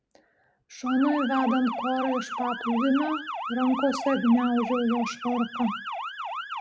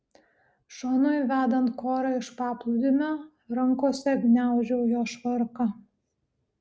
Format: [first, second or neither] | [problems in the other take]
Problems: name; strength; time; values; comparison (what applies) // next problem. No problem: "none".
second | background sound (Motor vehicle (road) / Siren); 7 dB below the speech